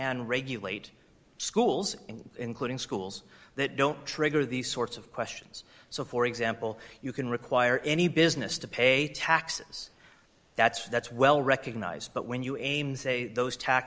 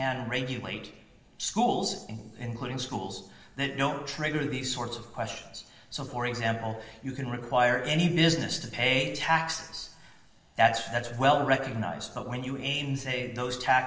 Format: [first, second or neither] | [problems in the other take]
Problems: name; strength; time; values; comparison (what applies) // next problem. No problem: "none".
first | room echo; dies away in 1.6 s